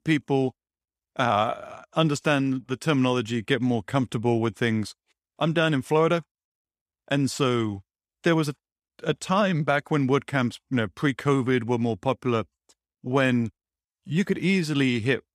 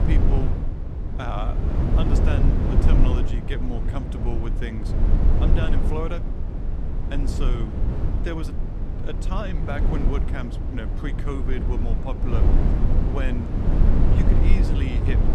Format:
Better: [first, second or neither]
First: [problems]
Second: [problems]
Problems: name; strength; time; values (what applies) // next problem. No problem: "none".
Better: first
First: none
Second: low rumble; loud; throughout; as loud as the speech